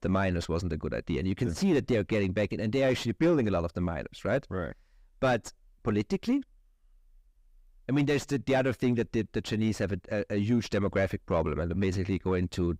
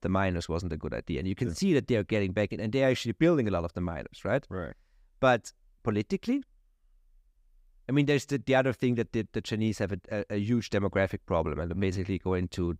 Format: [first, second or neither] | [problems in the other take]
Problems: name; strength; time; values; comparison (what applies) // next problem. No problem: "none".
second | distortion; slight; 10 dB below the speech